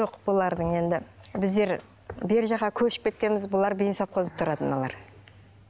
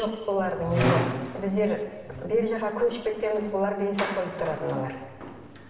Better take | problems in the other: first | background sound (Squeak); 6 dB below the speech // room echo; dies away in 1.2 s

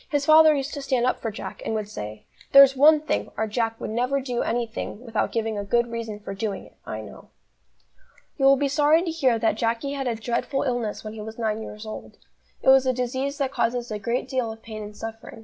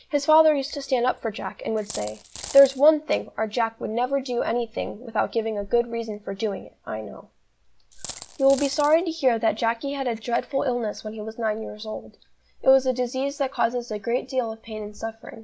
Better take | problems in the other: first | background sound (Coin (dropping)); 14 dB below the speech

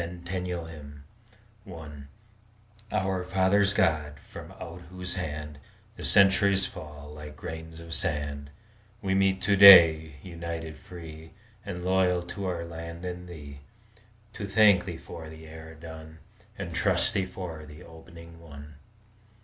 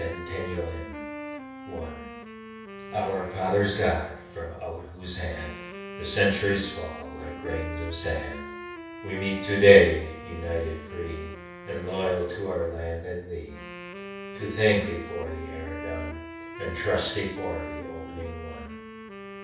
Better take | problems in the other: first | background sound (Wind instrument, woodwind instrument); 12 dB below the speech // room echo; dies away in 0.6 s

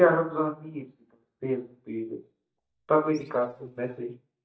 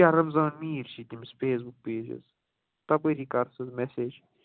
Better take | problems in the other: second | noise reduction (neural mask model DeepFilterNet 3)

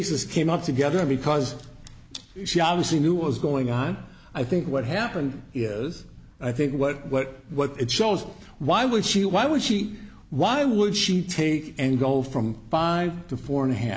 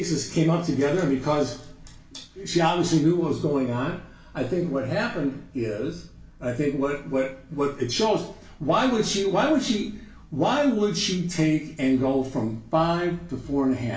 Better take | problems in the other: first | background sound (Bowed string instrument); 17 dB below the speech // room echo; dies away in 0.2 s

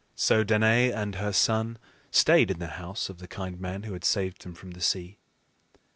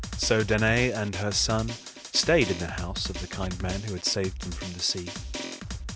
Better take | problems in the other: first | background sound (Drum); 8 dB below the speech

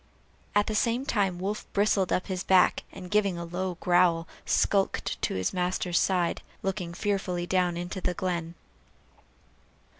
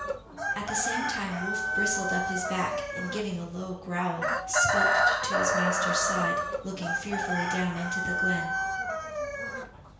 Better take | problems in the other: first | background sound (Chicken, rooster); 4 dB above the speech // room echo; dies away in 0.5 s

